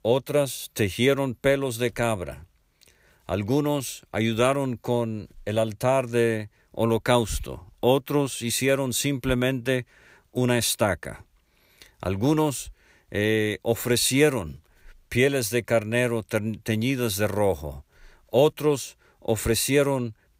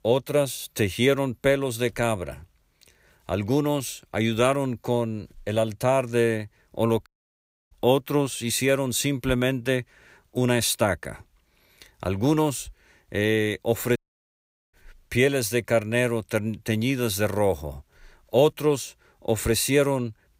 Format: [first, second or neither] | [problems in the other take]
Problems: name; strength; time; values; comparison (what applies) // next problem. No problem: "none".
first | audio cutting out; at 7 s for 0.5 s and at 14 s for 1 s